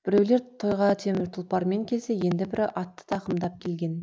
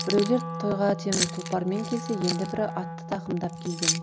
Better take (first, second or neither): first